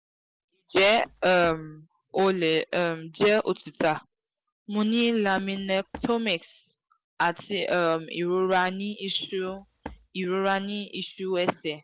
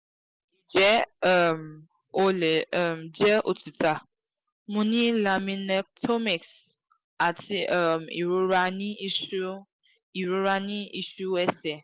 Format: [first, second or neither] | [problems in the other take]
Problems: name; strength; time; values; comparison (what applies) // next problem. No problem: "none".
second | background sound (Walk, footsteps); 20 dB below the speech